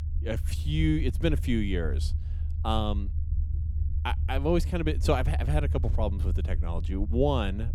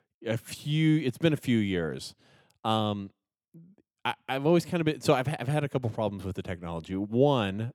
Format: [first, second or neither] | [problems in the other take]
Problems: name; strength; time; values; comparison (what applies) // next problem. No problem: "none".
second | low rumble; noticeable; throughout; 15 dB below the speech